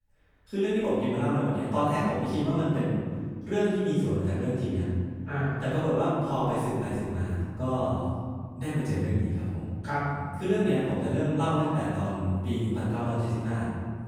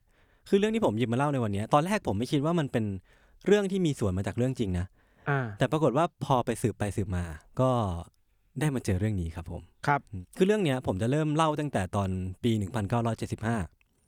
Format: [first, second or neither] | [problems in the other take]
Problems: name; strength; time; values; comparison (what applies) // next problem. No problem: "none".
second | off-mic speech; far // room echo; strong; dies away in 2.1 s